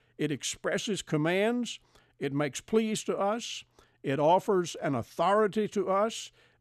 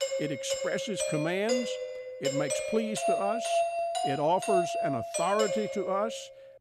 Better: first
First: none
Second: doorbell; loud; peak 4 dB above the speech

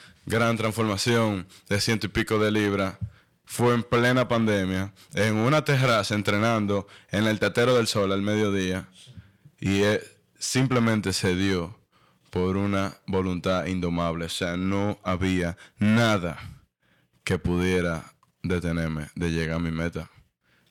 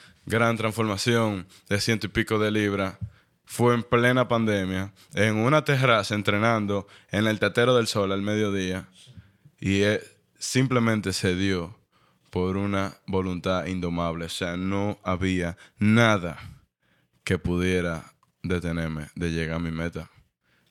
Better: second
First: distortion; slight; 4% of the sound clipped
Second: none

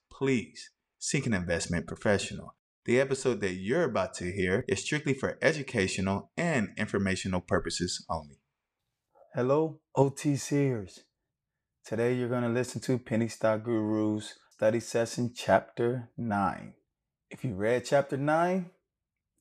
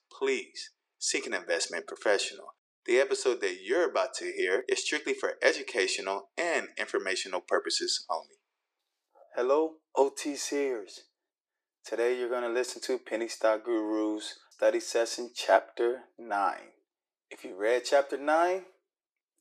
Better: first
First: none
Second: thin; very; fading below 350 Hz

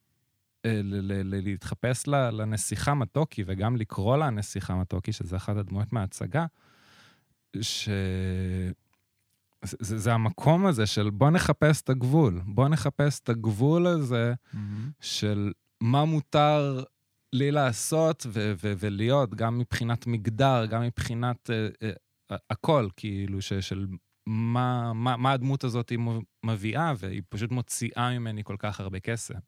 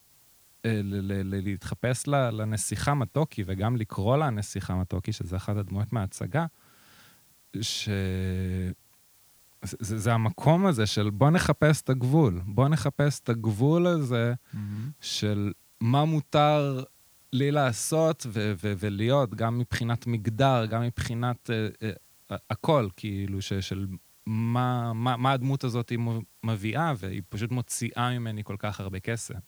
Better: first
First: none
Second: hiss; faint; throughout; 30 dB below the speech

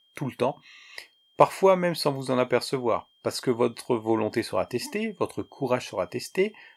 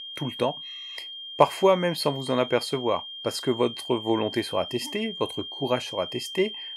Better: first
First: high-pitched whine; faint; throughout; 3 kHz, 35 dB below the speech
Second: high-pitched whine; loud; throughout; 3 kHz, 9 dB below the speech

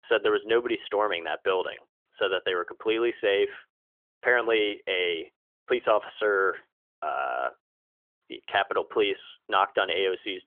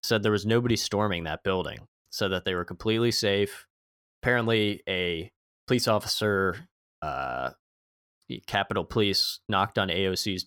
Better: second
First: phone-call audio; nothing above 3.5 kHz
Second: none

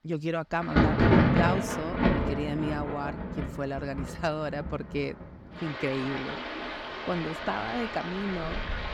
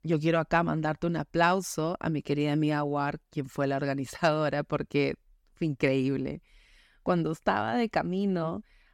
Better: second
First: rain or running water; very loud; throughout; 4 dB above the speech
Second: none

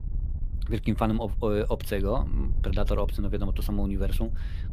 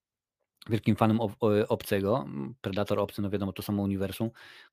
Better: second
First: wind noise on the microphone; occasional gusts; 20 dB below the speech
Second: none

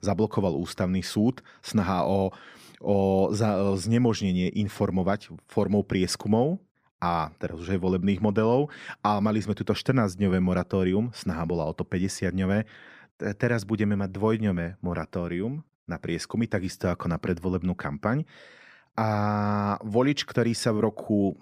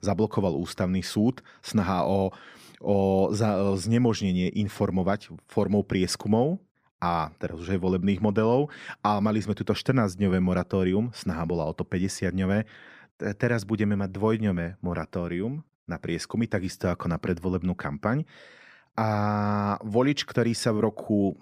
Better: neither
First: none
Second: none

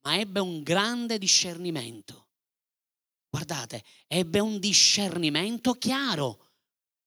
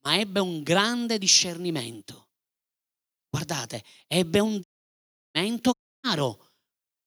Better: first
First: none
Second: audio cutting out; at 4.5 s for 0.5 s and at 5.5 s

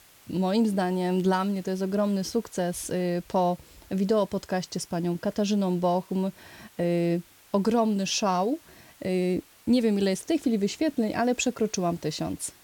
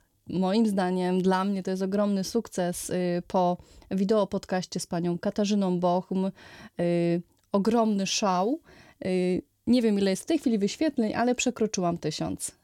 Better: second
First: hiss; faint; throughout; 25 dB below the speech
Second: none

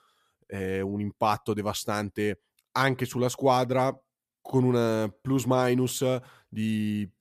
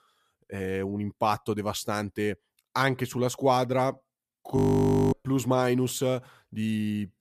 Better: first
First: none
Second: audio freezing; at 4.5 s for 0.5 s

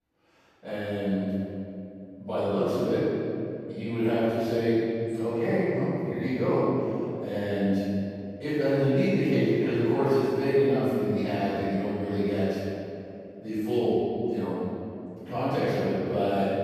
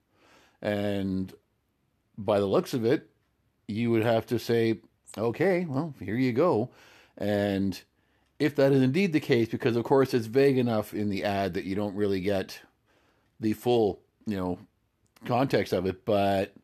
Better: second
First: off-mic speech; far // room echo; strong; dies away in 2.6 s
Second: none

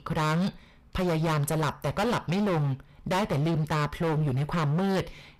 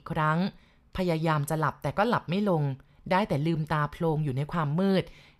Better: second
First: distortion; heavy; 28% of the sound clipped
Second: none

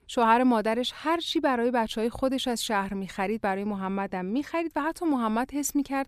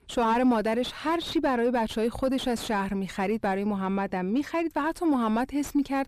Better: first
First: none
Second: distortion; slight; 10 dB below the speech

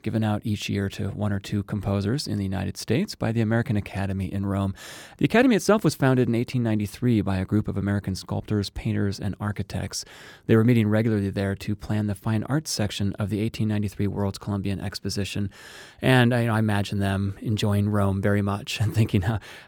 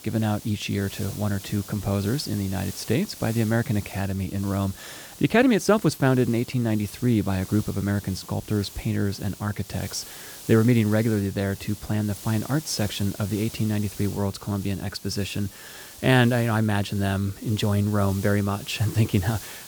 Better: first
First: none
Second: hiss; noticeable; throughout; 15 dB below the speech

